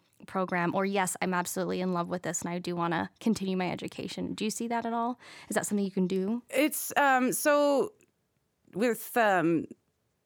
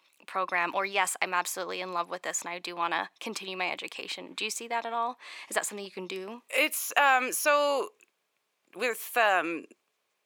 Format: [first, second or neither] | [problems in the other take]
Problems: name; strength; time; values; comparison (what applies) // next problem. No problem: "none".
first | thin; very; fading below 550 Hz